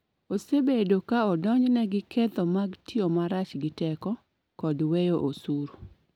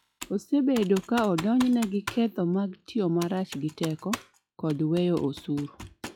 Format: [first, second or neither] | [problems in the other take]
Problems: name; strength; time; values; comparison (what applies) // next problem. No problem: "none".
first | noise reduction (classical method log-MMSE)